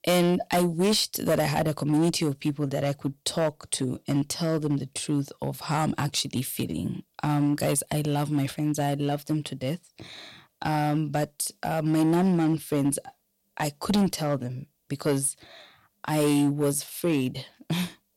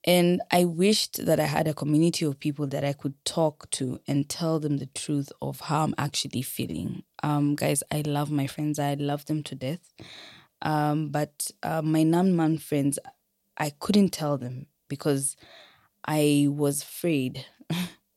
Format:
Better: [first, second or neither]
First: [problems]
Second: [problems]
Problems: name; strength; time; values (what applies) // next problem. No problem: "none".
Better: second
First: distortion; slight; 6% of the sound clipped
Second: none